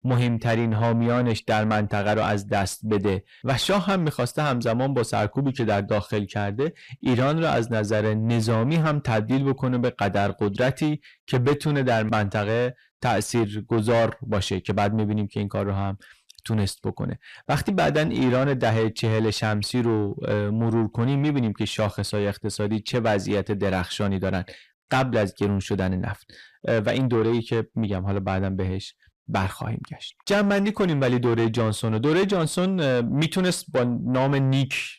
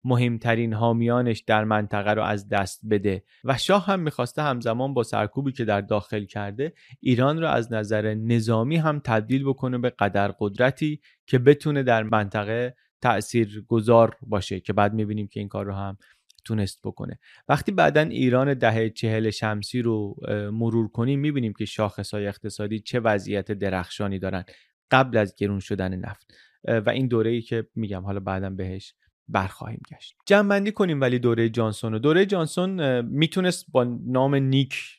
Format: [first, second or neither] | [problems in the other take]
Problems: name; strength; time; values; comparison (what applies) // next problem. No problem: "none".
second | distortion; heavy; 7 dB below the speech